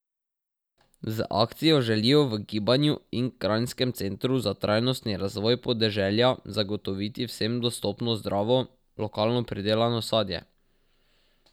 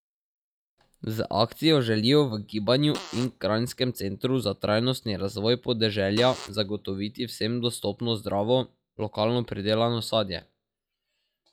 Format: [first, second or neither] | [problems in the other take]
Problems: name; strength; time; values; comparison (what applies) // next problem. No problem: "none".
first | noise reduction (classical method log-MMSE)